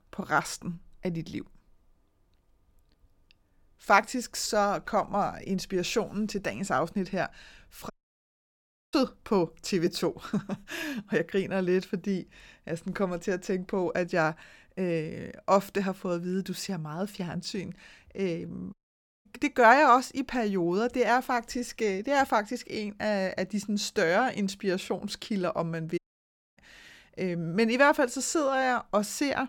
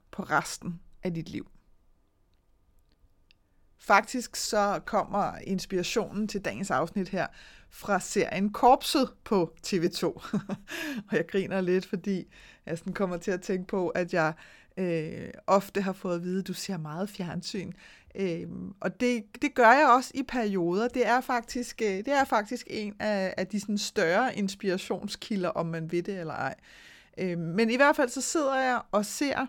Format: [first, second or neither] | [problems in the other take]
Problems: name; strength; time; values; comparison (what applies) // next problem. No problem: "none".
second | audio cutting out; at 8 s for 1 s, at 19 s for 0.5 s and at 26 s for 0.5 s